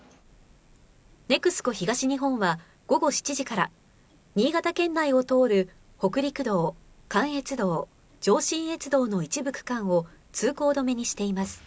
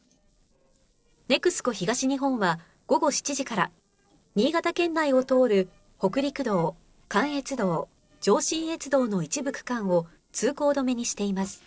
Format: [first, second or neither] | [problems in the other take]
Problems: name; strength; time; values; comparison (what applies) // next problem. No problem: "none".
first | noise reduction (neural separator model SepFormer DNS4)